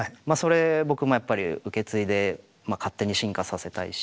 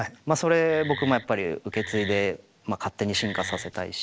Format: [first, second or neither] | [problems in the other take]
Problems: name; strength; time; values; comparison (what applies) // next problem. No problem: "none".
first | background sound (Wood); 9 dB below the speech